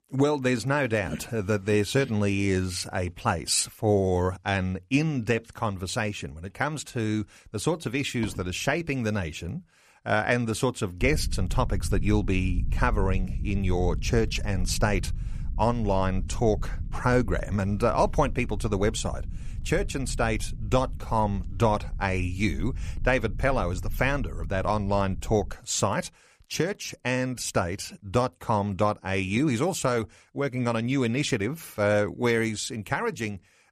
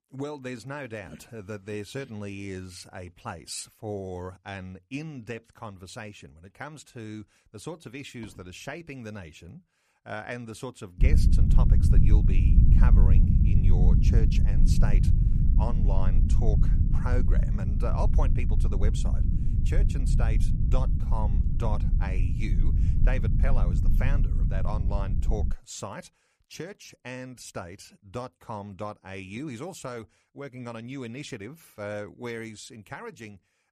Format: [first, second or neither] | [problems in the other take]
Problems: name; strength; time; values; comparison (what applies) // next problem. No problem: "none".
first | low rumble; loud; from 11 to 26 s; 2 dB below the speech; faint in the first